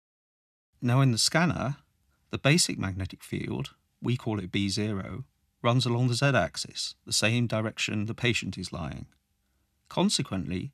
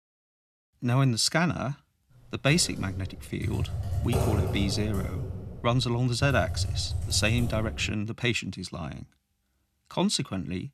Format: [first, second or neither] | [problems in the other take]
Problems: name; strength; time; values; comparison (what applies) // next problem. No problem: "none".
first | keyboard typing; loud; from 2.5 to 8 s; peak 1 dB above the speech